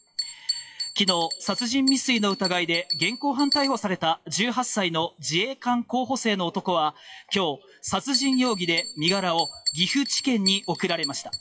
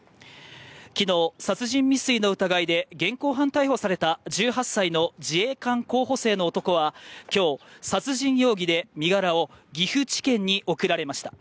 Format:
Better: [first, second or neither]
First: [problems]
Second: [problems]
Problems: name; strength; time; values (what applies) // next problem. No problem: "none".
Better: second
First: noise reduction (classical method WPE with log-MMSE)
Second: none